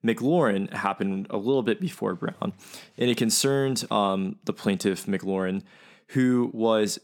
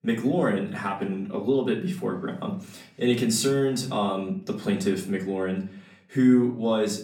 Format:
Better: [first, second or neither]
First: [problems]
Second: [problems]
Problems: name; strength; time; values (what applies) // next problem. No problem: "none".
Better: first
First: none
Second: room echo; slight; dies away in 0.4 s // off-mic speech; far